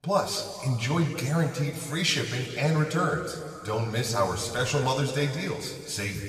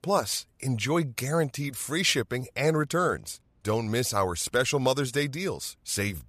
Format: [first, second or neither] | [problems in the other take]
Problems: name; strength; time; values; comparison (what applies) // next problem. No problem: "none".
second | room echo; noticeable; dies away in 2.5 s // off-mic speech; somewhat distant